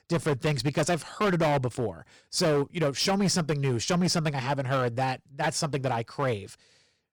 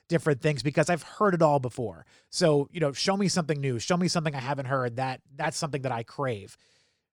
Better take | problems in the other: second | distortion; heavy; 11% of the sound clipped

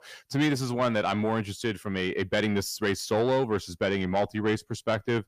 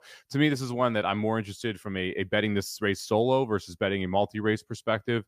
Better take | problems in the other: second | distortion; slight; 10 dB below the speech

